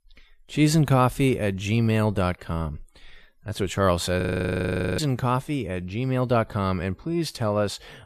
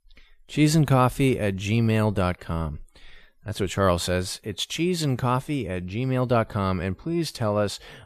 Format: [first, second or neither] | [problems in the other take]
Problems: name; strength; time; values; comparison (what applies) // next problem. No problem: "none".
second | audio freezing; at 4 s for 1 s